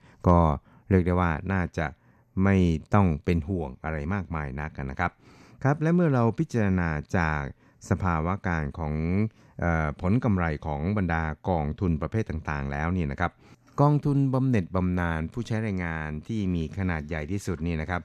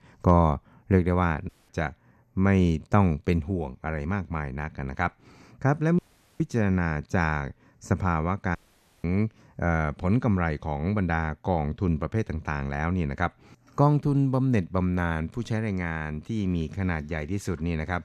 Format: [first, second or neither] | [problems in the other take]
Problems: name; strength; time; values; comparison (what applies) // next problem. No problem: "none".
first | audio cutting out; at 1.5 s, at 6 s and at 8.5 s